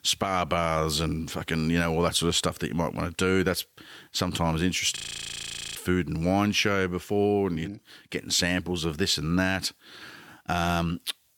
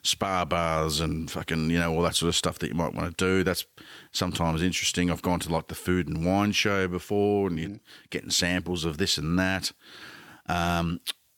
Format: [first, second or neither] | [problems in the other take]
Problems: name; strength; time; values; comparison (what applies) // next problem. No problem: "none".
second | audio freezing; at 5 s for 1 s